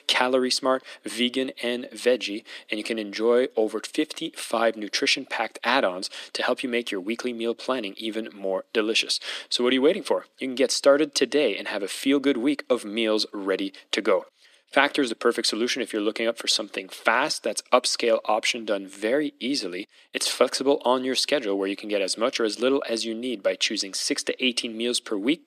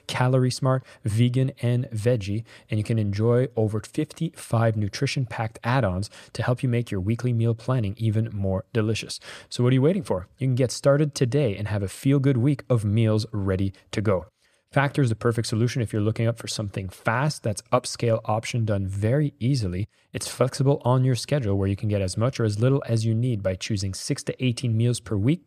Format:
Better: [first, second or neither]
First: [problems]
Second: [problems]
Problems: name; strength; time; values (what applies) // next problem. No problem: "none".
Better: second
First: thin; somewhat; fading below 250 Hz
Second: none